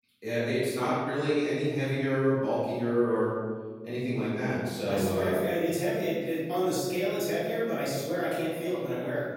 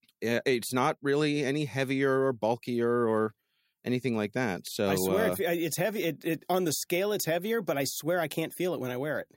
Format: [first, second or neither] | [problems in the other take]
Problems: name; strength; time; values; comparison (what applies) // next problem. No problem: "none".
second | room echo; strong; dies away in 1.6 s // off-mic speech; far